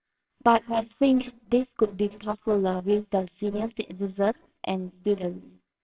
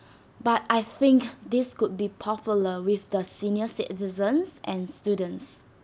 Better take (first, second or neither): second